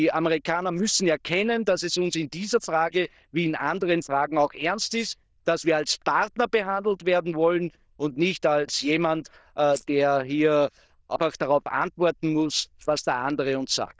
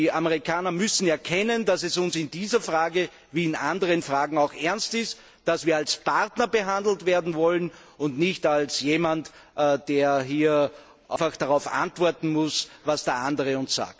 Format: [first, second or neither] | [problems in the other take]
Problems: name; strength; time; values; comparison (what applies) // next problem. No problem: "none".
second | noise reduction (neural diffusion model UNIVERSE++)